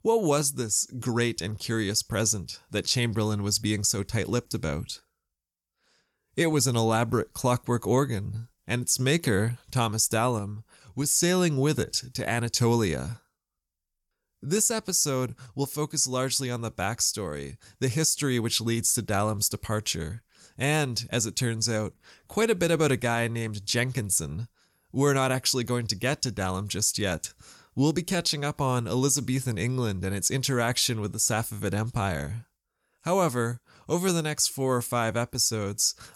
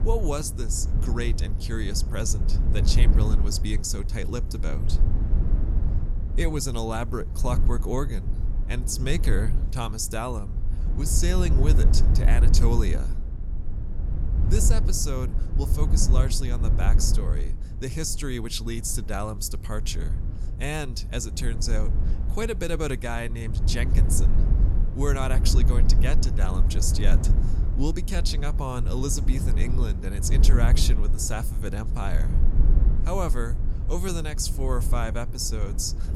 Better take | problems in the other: first | low rumble; loud; throughout; 10 dB below the speech

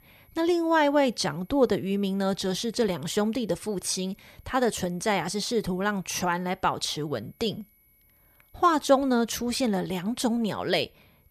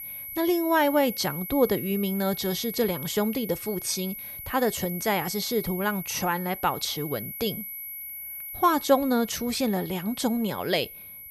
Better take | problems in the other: first | high-pitched whine; loud; throughout; 11.5 kHz, 9 dB below the speech; faint in the first

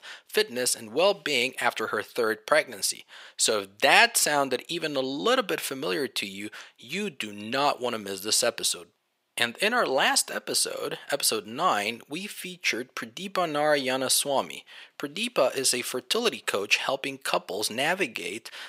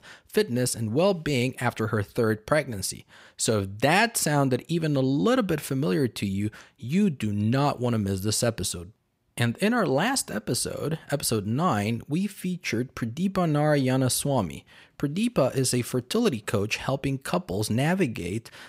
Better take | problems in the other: second | thin; somewhat; fading below 500 Hz

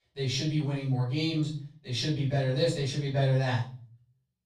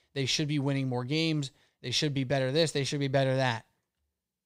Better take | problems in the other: second | off-mic speech; far // room echo; noticeable; dies away in 0.5 s

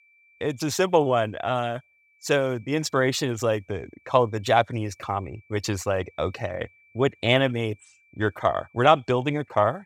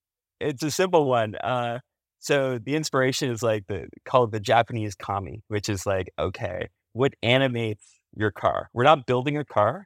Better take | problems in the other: second | high-pitched whine; faint; throughout; 2.5 kHz, 35 dB below the speech

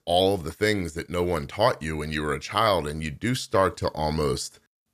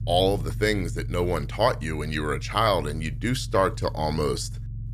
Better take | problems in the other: first | low rumble; faint; throughout; 25 dB below the speech

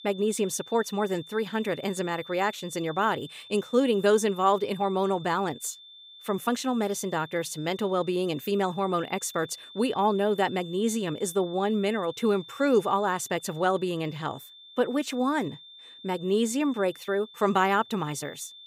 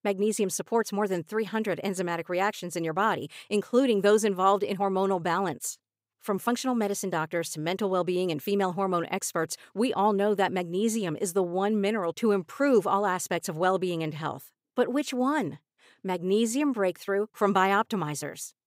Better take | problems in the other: second | high-pitched whine; noticeable; throughout; 3.5 kHz, 20 dB below the speech

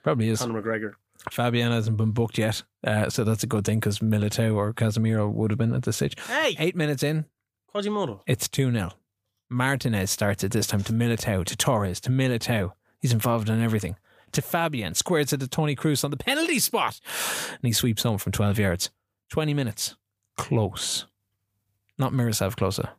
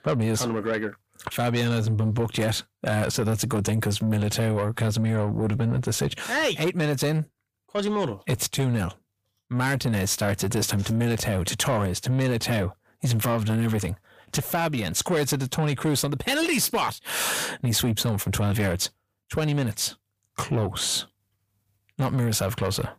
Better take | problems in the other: first | distortion; slight; 10 dB below the speech

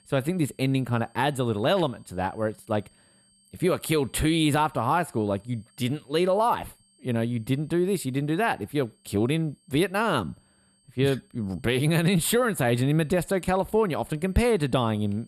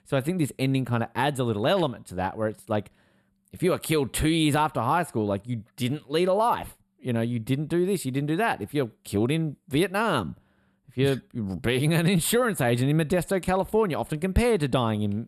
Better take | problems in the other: second | high-pitched whine; faint; throughout; 8.5 kHz, 35 dB below the speech

